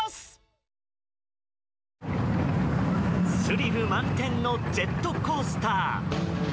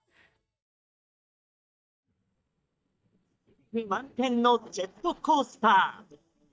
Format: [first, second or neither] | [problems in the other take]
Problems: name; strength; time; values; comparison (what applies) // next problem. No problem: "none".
first | noise reduction (neural mask model DeepFilterNet 3)